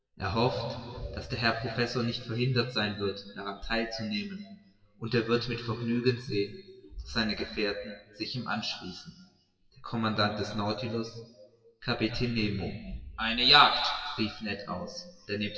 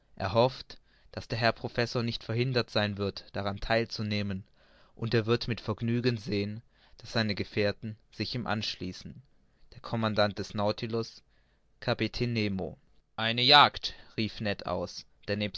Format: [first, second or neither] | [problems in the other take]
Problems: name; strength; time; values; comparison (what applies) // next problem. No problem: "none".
second | noise reduction (classical method WPE with log-MMSE)